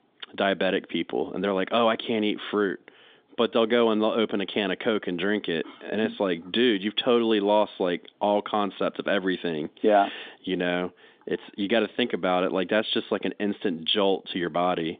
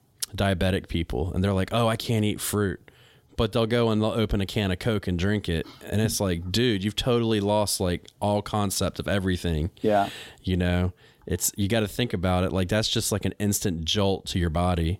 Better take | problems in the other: second | phone-call audio

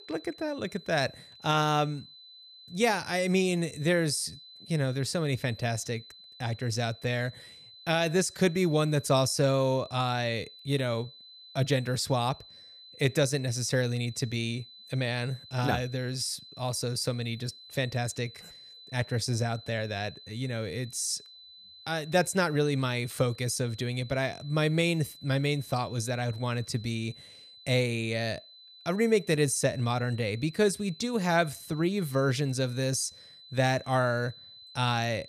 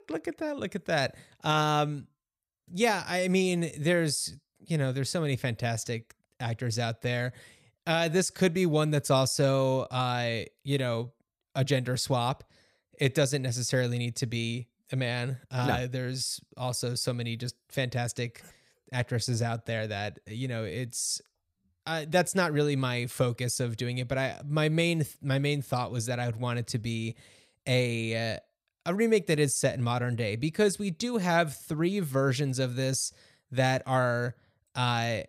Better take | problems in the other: second | high-pitched whine; noticeable; throughout; 4 kHz, 20 dB below the speech

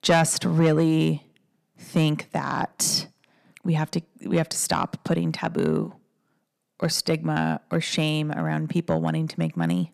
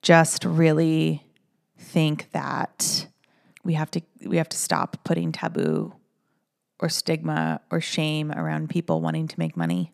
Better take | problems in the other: second | distortion; slight; 10 dB below the speech

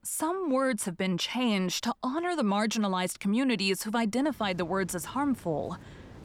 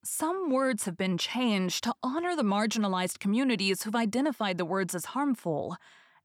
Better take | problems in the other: second | rain or running water; faint; throughout; 20 dB below the speech

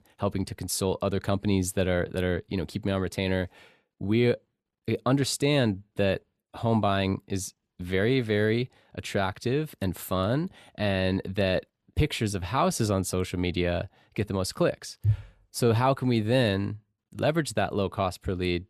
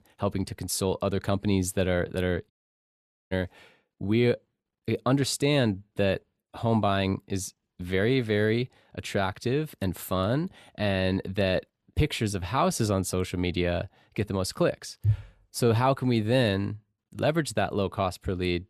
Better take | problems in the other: first | audio cutting out; at 2.5 s for 1 s

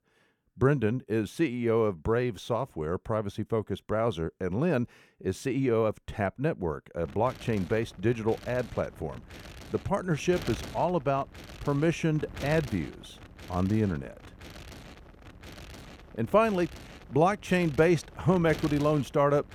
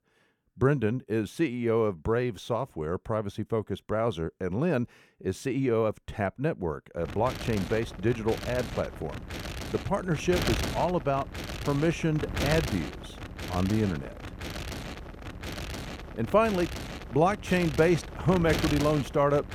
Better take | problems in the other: first | wind noise on the microphone; heavy; from 7 s on; 8 dB below the speech; occasional gusts in the first

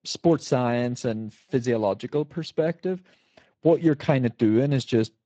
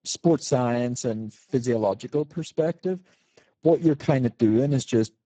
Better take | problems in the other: first | garbled, watery; badly; nothing above 7.5 kHz; slightly in the first

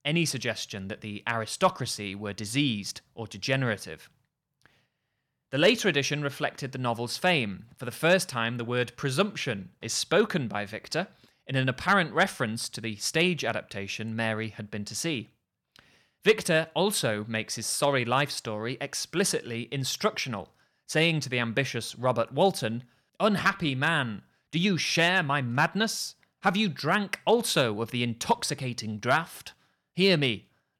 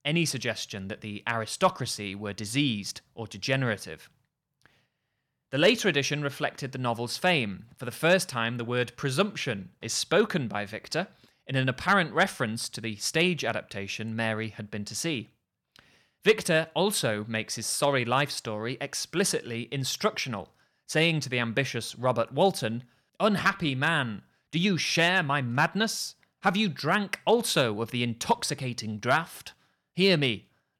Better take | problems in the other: neither | none

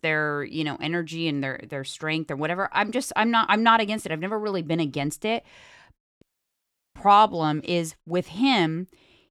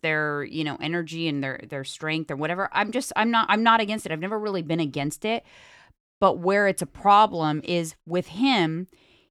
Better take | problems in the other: second | audio cutting out; at 6 s for 0.5 s

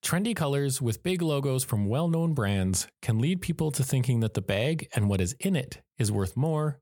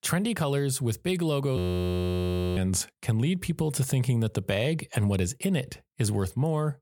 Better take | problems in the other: first | audio freezing; at 1.5 s for 1 s

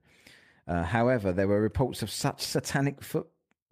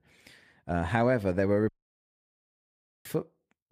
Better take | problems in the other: first | audio cutting out; at 1.5 s for 1.5 s

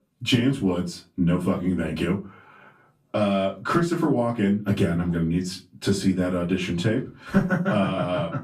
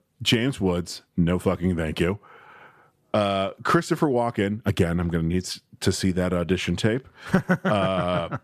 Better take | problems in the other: second | off-mic speech; far // room echo; very slight; dies away in 0.2 s

